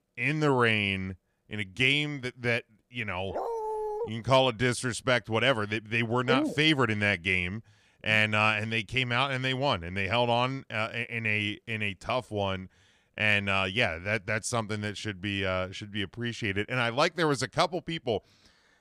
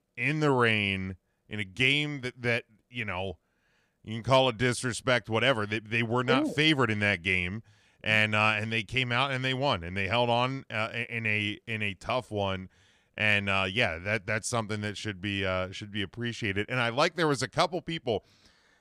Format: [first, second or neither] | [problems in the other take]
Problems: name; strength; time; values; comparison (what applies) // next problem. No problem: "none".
second | dog barking; noticeable; at 3.5 s; peak 5 dB below the speech